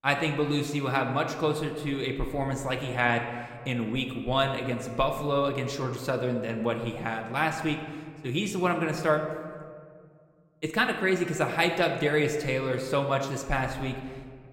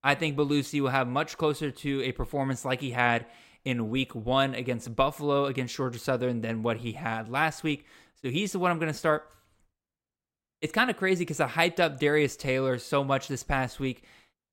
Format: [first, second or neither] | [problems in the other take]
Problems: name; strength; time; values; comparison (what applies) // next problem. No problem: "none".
second | room echo; slight; dies away in 1.4 s